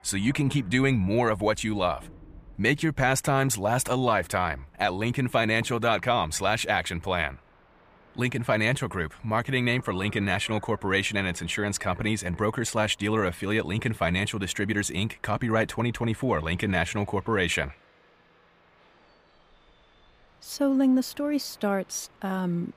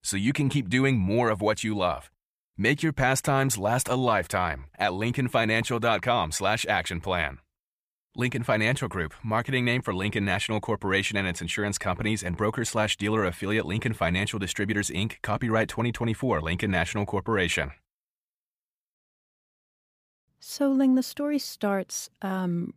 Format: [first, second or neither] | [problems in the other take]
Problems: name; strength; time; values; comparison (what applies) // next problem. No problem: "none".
second | train or aircraft noise; faint; throughout; 30 dB below the speech